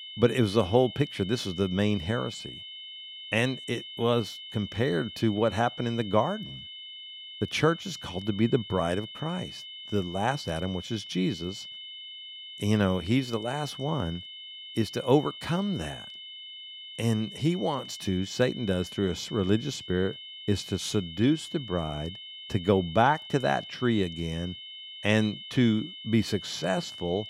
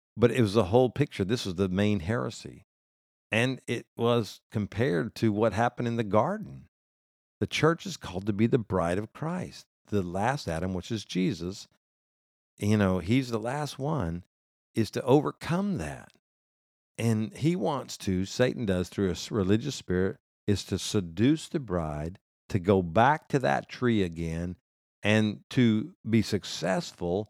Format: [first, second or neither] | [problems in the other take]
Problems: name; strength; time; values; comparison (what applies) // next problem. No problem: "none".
second | high-pitched whine; noticeable; throughout; 3 kHz, 10 dB below the speech